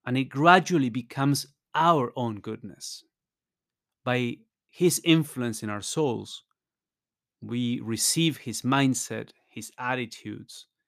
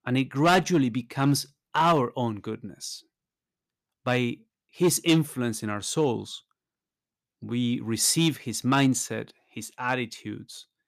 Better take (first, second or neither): first